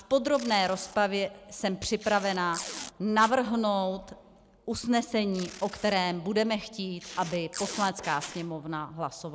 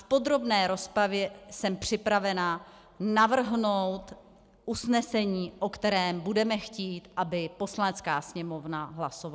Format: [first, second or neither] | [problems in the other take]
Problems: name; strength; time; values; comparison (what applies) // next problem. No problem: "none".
second | background sound (Squeak + Packing tape, duct tape); 14 dB below the speech